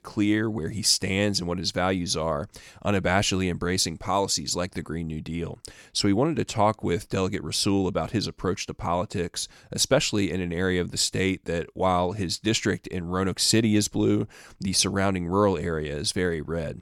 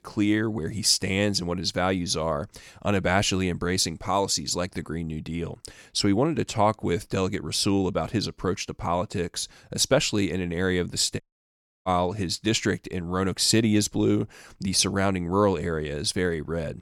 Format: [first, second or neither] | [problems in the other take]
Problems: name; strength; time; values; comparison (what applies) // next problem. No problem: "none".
first | audio cutting out; at 11 s for 0.5 s